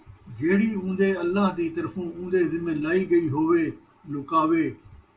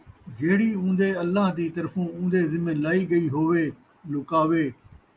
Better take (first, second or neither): second